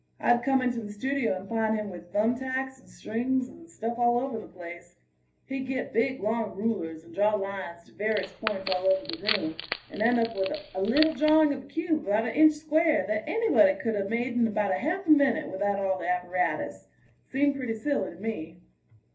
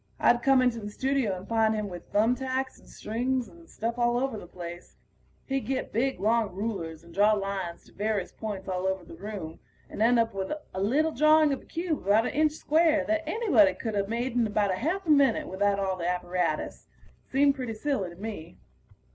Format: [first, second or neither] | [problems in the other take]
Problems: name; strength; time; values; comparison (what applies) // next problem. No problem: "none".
second | background sound (Wood); 9 dB below the speech // room echo; dies away in 0.3 s